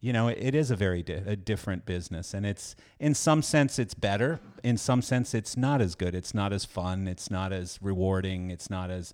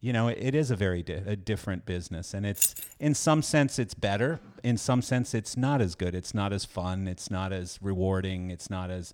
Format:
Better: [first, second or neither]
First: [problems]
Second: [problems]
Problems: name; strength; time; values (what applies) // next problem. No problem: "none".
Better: first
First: none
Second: jangling keys; loud; at 2.5 s; peak 4 dB above the speech